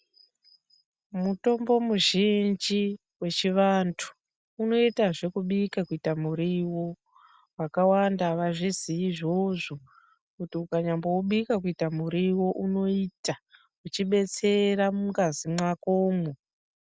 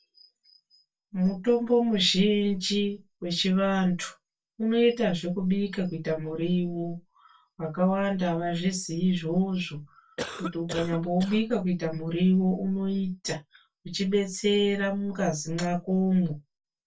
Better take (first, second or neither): first